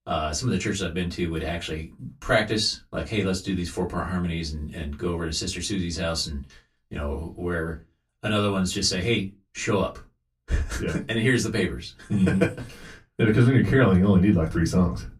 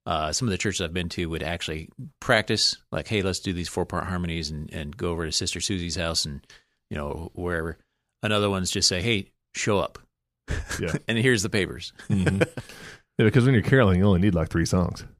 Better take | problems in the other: second | off-mic speech; far // room echo; very slight; dies away in 0.2 s

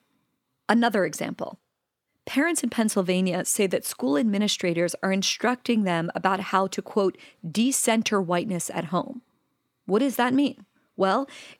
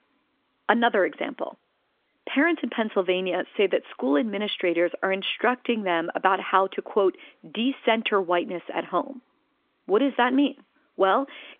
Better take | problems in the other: first | phone-call audio; nothing above 3.5 kHz

